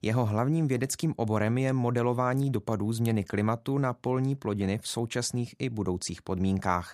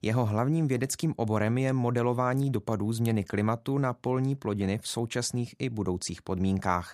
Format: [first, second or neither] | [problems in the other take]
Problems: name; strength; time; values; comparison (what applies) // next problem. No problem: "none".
neither | none